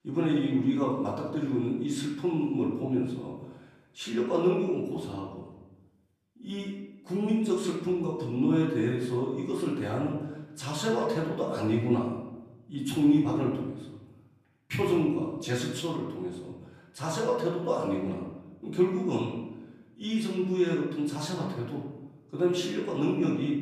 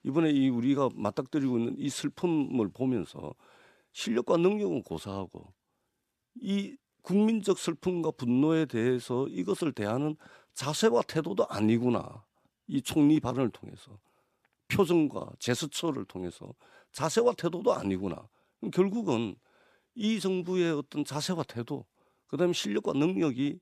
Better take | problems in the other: second | room echo; noticeable; dies away in 0.9 s // off-mic speech; far

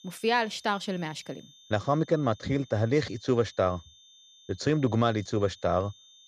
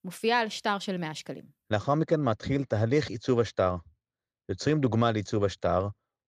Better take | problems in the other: second | high-pitched whine; faint; throughout; 3.5 kHz, 25 dB below the speech

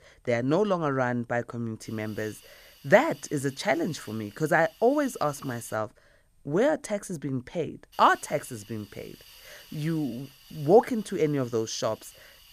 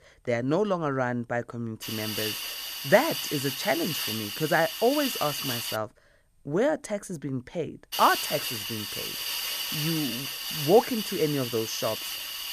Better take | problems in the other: first | hiss; loud; from 2 to 6 s and from 8 s on; 3 dB below the speech; faint in the first

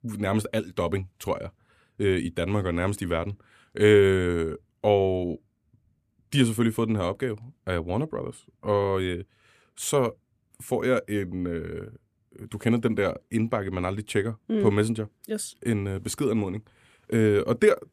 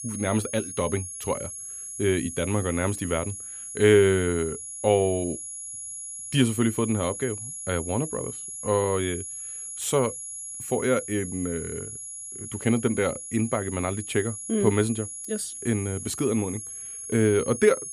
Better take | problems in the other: first | high-pitched whine; loud; throughout; 11 kHz, 8 dB below the speech

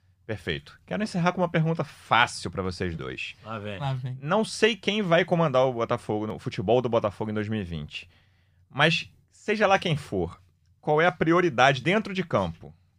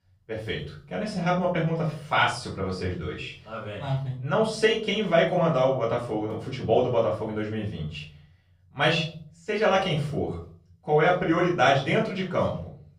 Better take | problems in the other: first | off-mic speech; far // room echo; slight; dies away in 0.4 s

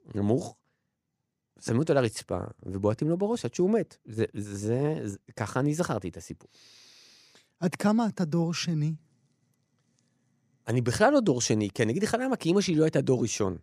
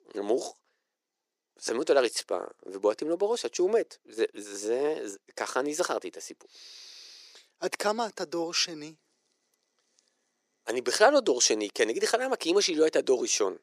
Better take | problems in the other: first | thin; very; fading below 400 Hz

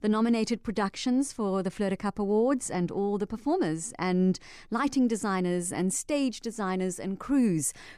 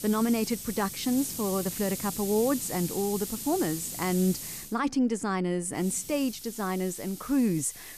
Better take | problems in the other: first | hiss; loud; until 4.5 s and from 6 s on; 7 dB below the speech

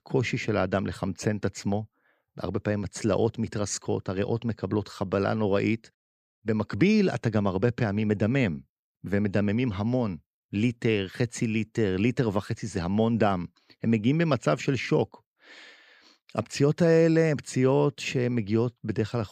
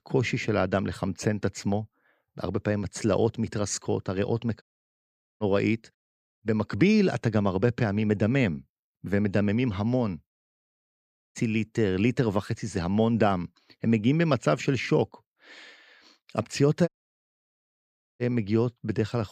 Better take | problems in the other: first | audio cutting out; at 4.5 s for 1 s, at 10 s for 1 s and at 17 s for 1.5 s

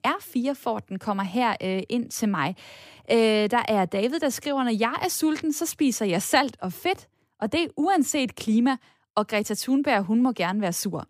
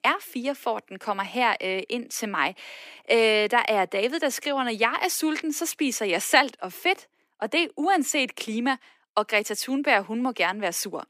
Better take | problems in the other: first | thin; very slightly; fading below 300 Hz

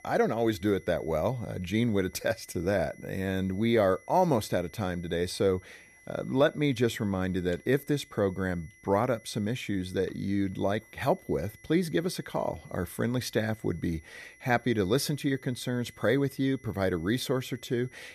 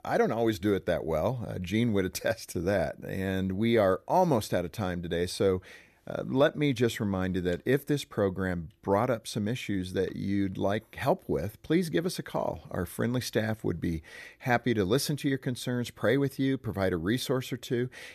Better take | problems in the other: second | high-pitched whine; faint; throughout; 2 kHz, 25 dB below the speech

